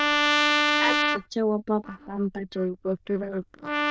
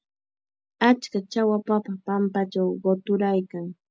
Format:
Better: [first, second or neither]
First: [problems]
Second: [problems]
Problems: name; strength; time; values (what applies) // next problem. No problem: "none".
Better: second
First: noise reduction (neural diffusion model UNIVERSE++)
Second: none